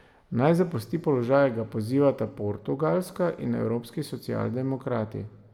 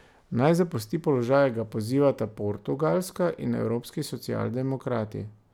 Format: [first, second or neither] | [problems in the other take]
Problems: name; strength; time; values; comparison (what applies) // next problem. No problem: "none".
second | room echo; dies away in 1.2 s